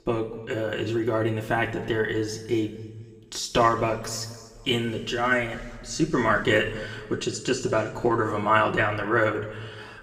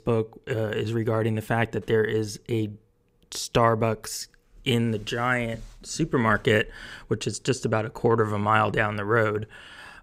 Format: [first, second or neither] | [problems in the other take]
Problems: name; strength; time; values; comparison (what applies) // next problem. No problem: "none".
second | room echo; slight; dies away in 1.4 s // off-mic speech; somewhat distant